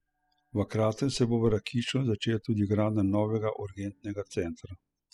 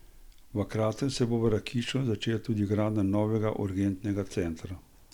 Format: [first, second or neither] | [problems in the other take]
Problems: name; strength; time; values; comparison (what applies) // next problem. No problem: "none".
second | noise reduction (classical method spectral subtraction)